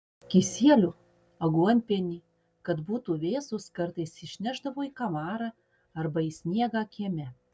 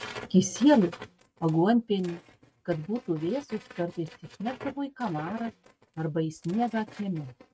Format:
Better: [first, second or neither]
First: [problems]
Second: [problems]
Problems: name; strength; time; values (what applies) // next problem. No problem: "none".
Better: first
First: none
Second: noise reduction (neural mask model RNNoise)